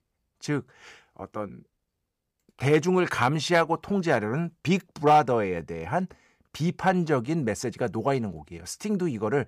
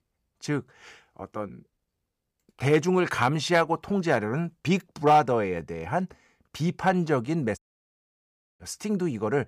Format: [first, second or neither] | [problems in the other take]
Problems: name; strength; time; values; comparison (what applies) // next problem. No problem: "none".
first | audio cutting out; at 7.5 s for 1 s